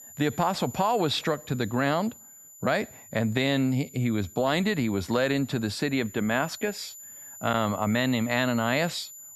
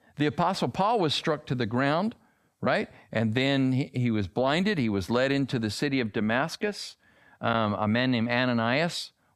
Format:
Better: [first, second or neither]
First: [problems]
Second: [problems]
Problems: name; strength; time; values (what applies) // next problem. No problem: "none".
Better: second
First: high-pitched whine; noticeable; throughout; 7 kHz, 15 dB below the speech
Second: none